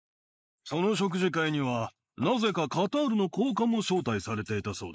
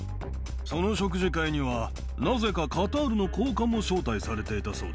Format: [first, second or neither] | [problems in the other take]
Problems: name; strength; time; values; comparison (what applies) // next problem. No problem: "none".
second | noise reduction (neural mask model Resemble Enhance denoiser)